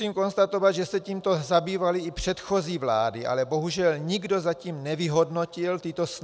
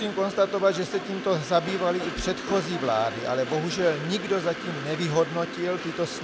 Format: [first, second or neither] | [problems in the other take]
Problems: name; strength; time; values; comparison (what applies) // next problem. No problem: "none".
first | background sound (Train); 8 dB below the speech